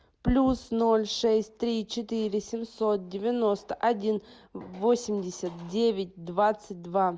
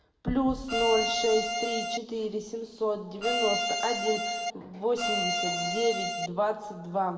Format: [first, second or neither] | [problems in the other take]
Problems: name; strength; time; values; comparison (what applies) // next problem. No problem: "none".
first | background sound (Bowed string instrument); as loud as the speech // room echo; dies away in 1.5 s